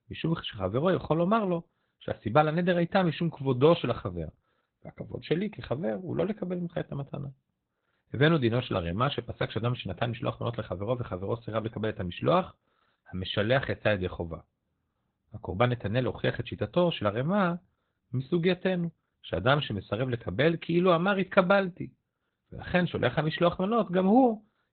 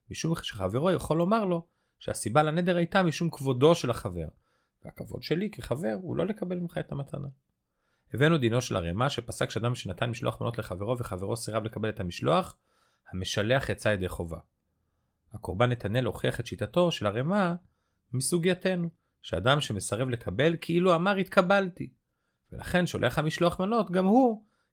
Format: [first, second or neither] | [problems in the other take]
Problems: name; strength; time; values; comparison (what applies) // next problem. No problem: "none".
second | garbled, watery; badly; nothing above 4 kHz; slightly in the second